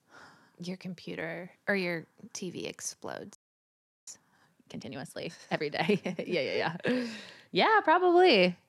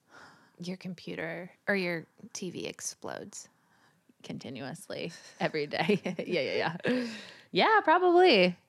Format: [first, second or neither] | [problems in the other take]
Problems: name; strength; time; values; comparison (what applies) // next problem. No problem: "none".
second | audio freezing; at 3.5 s for 0.5 s